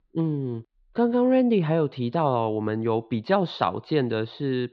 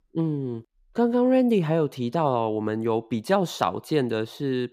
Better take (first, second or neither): second